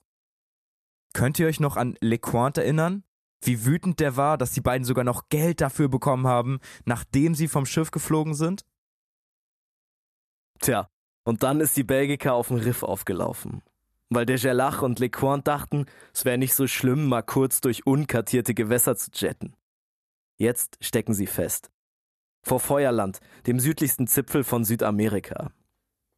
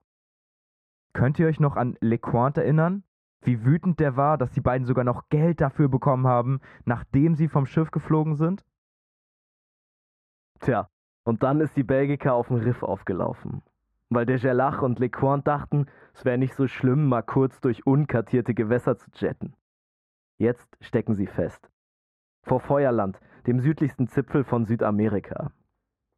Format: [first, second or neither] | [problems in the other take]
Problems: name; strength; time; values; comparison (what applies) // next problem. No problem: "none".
first | muffled; very; fading above 1.5 kHz